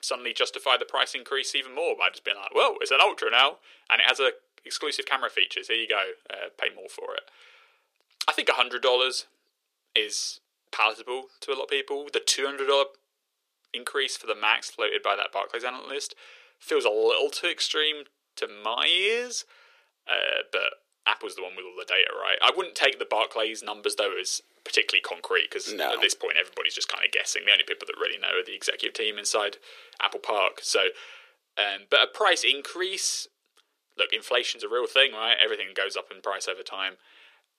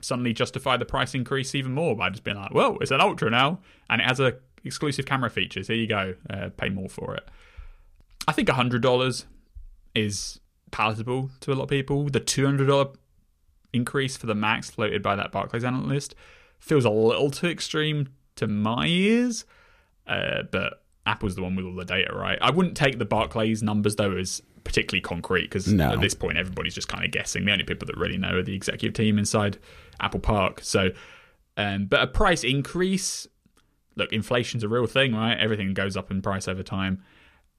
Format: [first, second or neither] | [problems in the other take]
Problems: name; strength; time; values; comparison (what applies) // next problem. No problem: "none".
second | thin; very; fading below 400 Hz